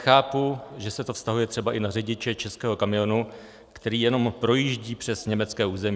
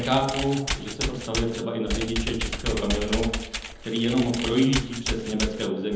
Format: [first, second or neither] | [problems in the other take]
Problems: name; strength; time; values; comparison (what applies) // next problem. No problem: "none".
first | background sound (Computer keyboard); 5 dB below the speech // room echo; dies away in 0.8 s